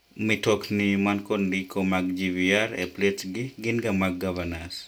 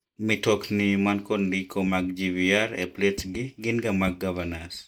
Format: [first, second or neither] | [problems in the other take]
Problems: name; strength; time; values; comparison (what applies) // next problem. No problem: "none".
first | noise reduction (neural mask model DeepFilterNet 3)